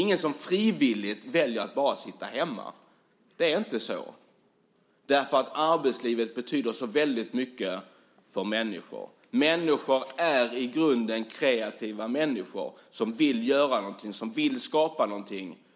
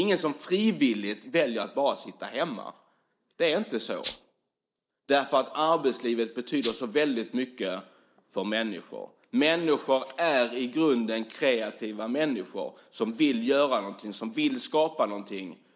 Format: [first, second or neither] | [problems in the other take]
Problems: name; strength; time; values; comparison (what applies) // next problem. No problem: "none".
first | noise reduction (neural mask model DeepFilterNet 3)